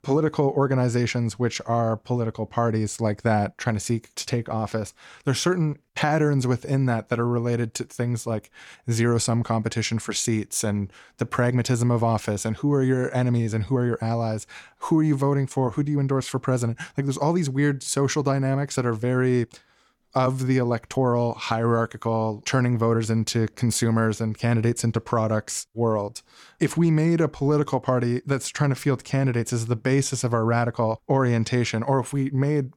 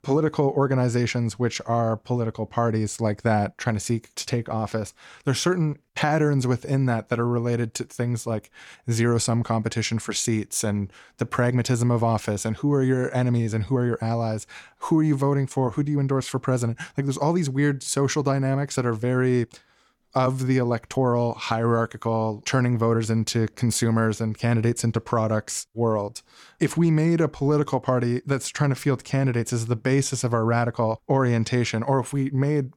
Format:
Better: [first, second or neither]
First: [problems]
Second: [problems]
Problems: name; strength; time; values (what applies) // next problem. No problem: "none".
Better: neither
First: none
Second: none